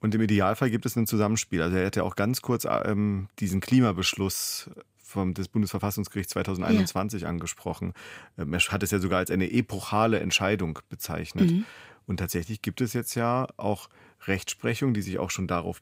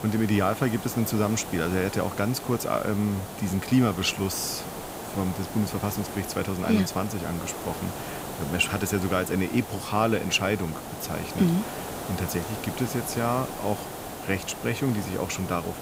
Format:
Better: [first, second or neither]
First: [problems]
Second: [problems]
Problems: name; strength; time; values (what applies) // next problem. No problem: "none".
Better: first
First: none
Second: hiss; loud; throughout; 8 dB below the speech